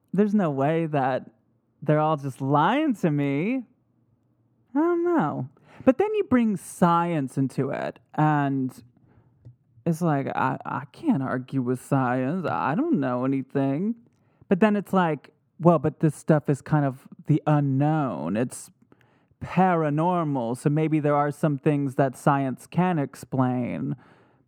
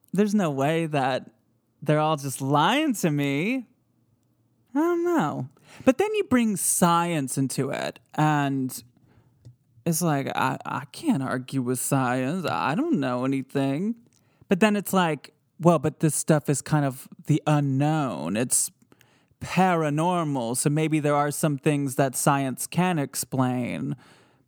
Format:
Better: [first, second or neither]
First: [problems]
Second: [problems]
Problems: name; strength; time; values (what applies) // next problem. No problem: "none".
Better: second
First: muffled; very; fading above 3 kHz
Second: none